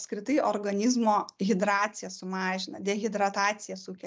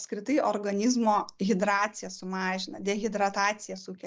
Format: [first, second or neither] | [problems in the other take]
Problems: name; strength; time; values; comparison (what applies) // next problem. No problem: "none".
first | noise reduction (neural mask model Resemble Enhance denoiser)